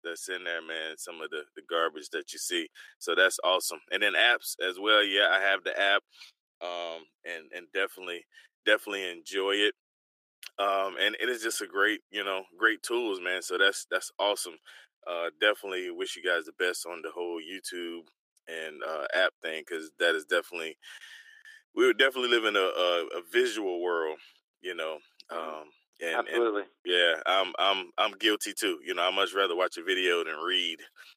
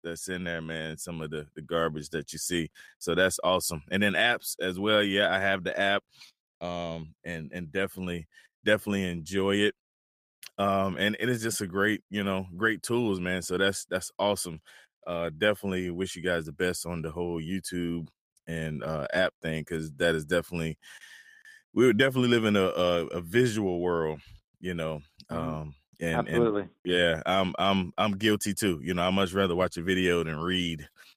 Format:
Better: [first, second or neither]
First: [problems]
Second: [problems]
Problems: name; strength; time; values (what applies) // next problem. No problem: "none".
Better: second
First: thin; very; fading below 350 Hz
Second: none